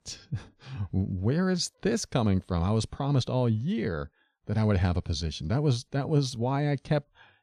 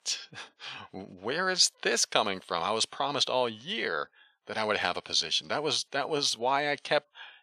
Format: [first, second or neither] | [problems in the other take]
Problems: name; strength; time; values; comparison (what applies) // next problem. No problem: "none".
first | thin; very; fading below 700 Hz